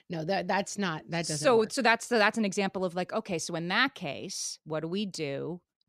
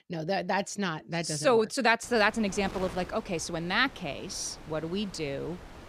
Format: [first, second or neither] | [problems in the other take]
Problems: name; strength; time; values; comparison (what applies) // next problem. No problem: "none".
first | wind noise on the microphone; occasional gusts; from 2 s on; 20 dB below the speech